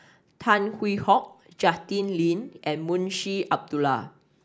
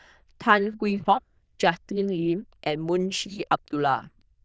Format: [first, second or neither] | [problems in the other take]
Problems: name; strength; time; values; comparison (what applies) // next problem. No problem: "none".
first | noise reduction (neural diffusion model UNIVERSE++)